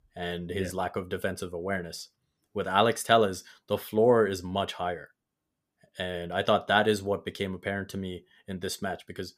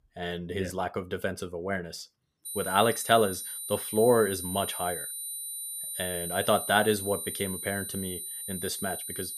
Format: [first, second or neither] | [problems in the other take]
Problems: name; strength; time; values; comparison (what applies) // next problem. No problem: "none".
first | high-pitched whine; loud; from 2.5 s on; 9.5 kHz, 5 dB below the speech